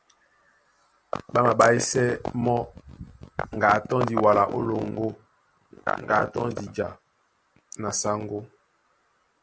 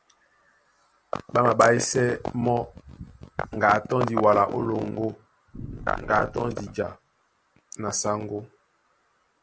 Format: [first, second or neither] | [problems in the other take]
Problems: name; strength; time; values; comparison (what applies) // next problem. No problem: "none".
first | background sound (Boom); 15 dB below the speech